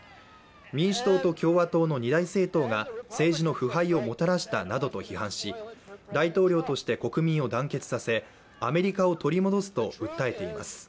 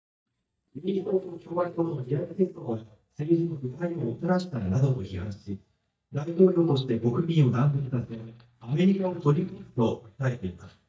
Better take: first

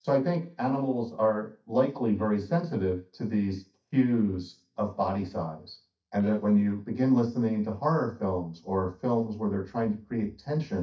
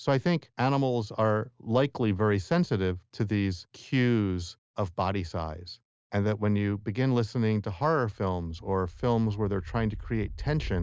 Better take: second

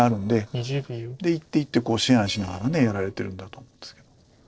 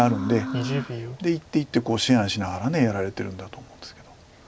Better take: second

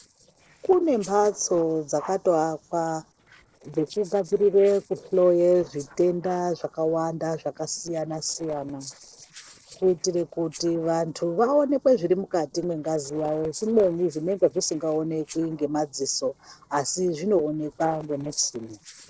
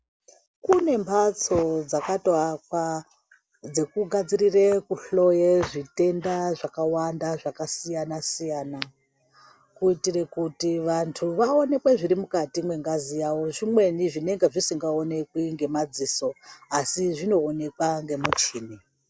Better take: second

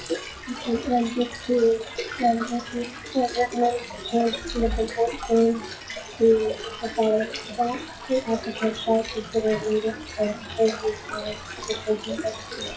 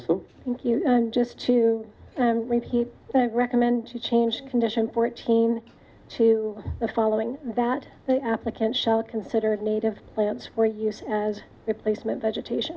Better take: second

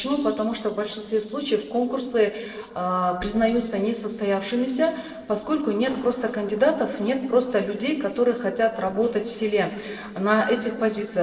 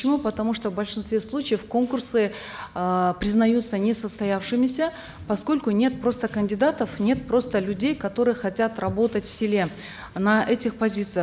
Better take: second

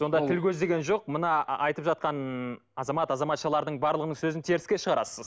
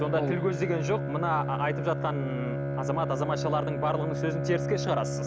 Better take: first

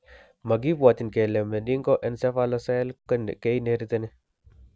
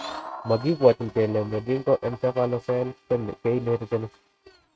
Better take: first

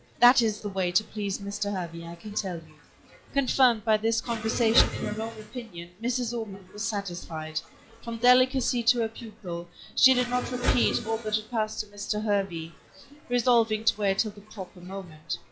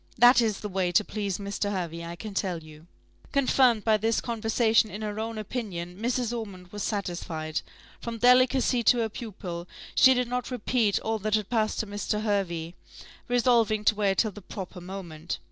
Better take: second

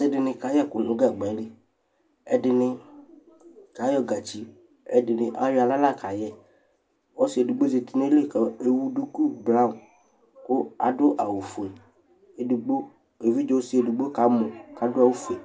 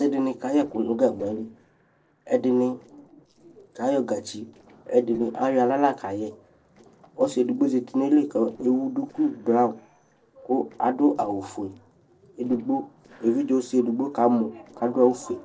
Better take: first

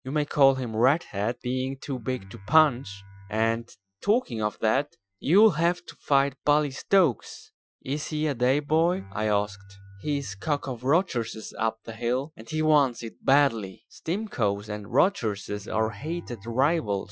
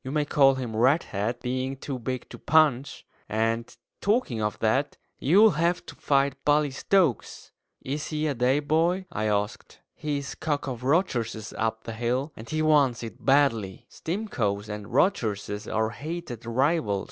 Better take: second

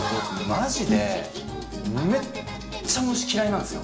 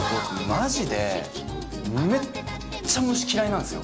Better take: second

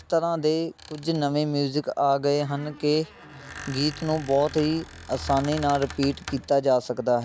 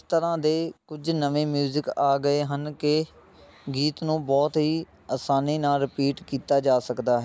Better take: second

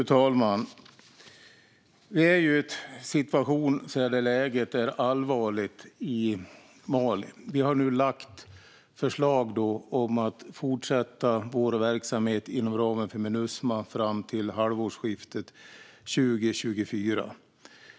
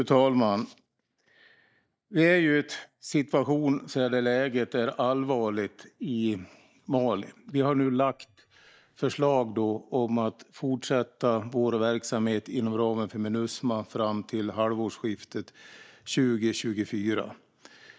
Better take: first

